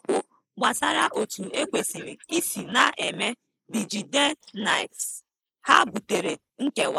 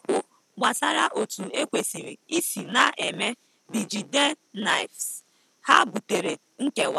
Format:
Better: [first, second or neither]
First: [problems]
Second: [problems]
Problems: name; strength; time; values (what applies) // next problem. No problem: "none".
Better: second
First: noise reduction (neural mask model Resemble Enhance denoiser)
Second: none